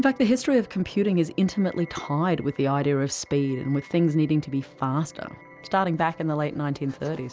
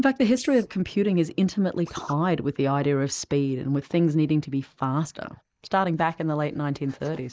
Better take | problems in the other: first | noise reduction (neural mask model Resemble Enhance denoiser)

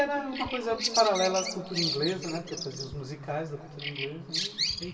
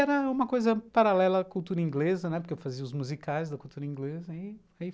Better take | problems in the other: second | background sound (Bird vocalization, bird call, bird song); 4 dB below the speech // room echo; dies away in 2.3 s

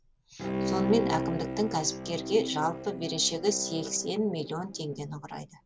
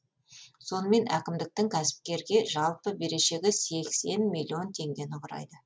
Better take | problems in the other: second | background sound (Bowed string instrument); 4 dB below the speech

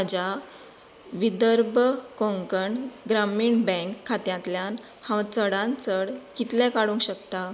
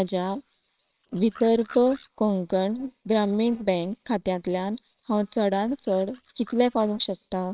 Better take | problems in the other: first | noise reduction (neural separator model SepFormer WHAMR!)

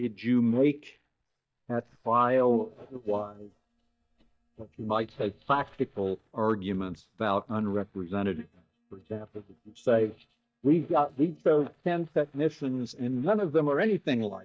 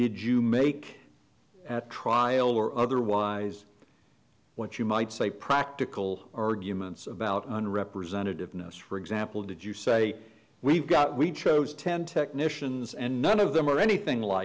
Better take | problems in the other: second | noise reduction (neural mask model DeepFilterNet 3)

